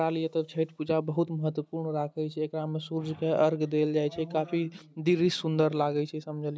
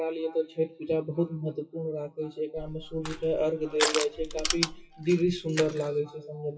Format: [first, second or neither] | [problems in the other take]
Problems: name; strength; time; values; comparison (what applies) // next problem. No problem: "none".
first | noise reduction (classical method WPE with log-MMSE)